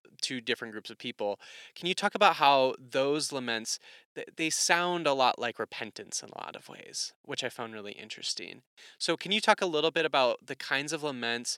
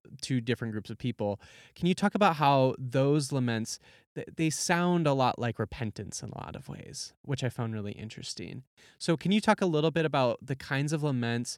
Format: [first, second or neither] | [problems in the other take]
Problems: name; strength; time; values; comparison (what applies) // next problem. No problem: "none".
second | thin; somewhat; fading below 400 Hz